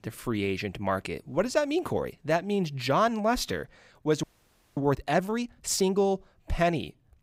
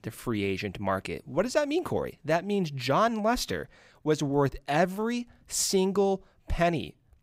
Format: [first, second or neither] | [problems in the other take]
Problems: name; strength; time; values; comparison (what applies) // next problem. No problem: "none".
second | audio freezing; at 4 s for 0.5 s